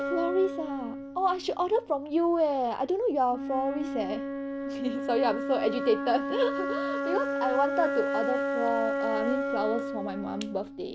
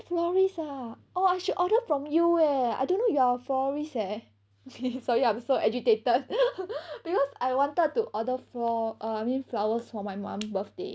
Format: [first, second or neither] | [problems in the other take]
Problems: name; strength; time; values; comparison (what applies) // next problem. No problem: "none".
second | background sound (Wind instrument, woodwind instrument); 3 dB below the speech